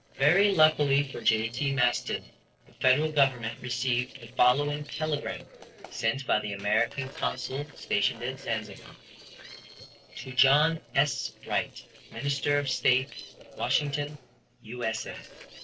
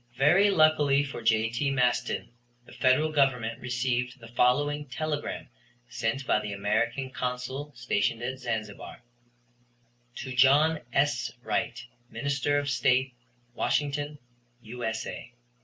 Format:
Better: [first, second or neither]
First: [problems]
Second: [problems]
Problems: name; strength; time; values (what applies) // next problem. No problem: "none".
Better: second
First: noise reduction (neural separator model SepFormer DNS4)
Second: none